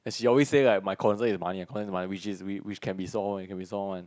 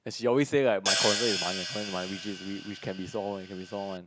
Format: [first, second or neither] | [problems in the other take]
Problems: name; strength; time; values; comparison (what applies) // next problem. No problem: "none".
first | background sound (Hi-hat); 3 dB below the speech